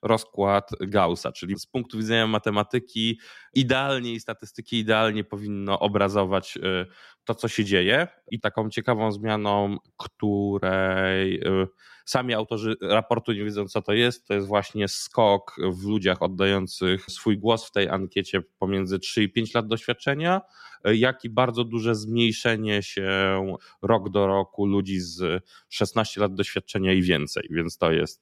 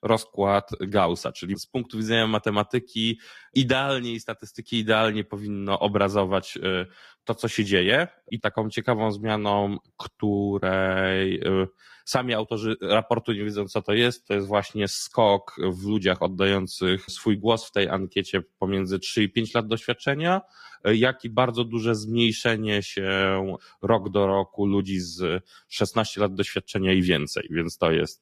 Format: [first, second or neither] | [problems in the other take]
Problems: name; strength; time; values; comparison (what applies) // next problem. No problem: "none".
first | garbled, watery; slightly